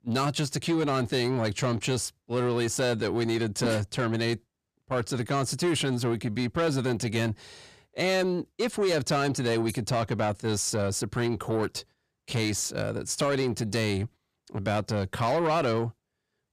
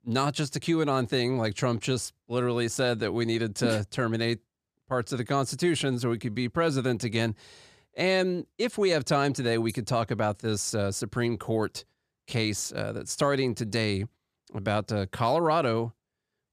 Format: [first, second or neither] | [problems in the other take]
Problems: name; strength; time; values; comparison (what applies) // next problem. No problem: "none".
second | distortion; slight; 10 dB below the speech